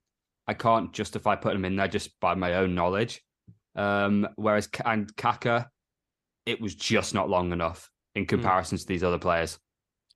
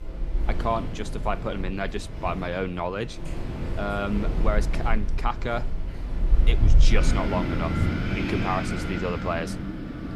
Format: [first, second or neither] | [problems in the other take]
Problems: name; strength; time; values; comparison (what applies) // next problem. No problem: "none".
first | wind in the background; very loud; throughout; 2 dB above the speech